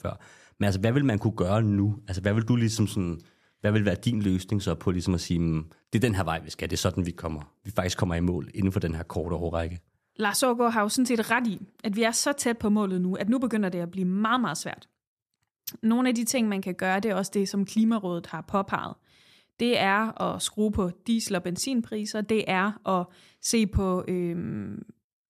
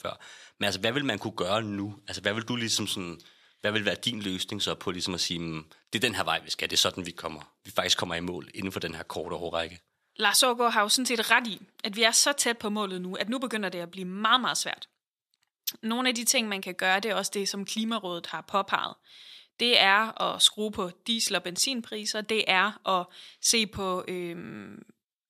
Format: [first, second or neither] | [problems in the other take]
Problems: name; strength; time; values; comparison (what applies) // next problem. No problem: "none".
first | thin; somewhat; fading below 800 Hz